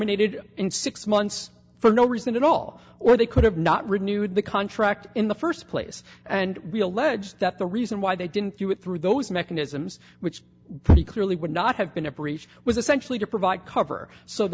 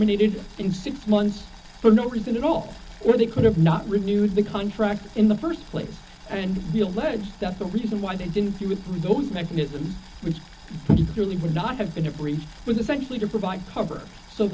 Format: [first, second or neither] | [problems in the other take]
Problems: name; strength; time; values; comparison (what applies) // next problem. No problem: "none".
first | background sound (Boiling); 19 dB below the speech // room echo; dies away in 0.4 s